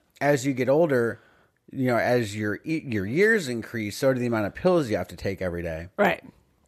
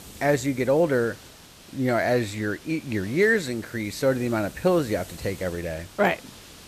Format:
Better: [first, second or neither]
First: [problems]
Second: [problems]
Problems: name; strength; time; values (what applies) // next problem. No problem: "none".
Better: first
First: none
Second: hiss; noticeable; throughout; 20 dB below the speech